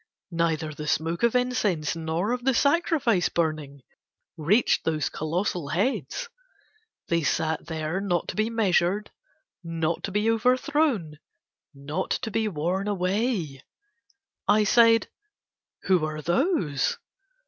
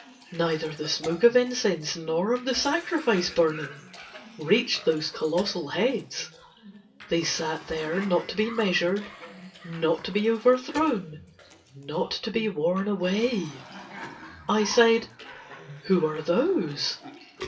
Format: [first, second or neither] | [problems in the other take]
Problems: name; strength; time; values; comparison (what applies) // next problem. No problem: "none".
first | background sound (Cough); 17 dB below the speech // room echo; dies away in 0.2 s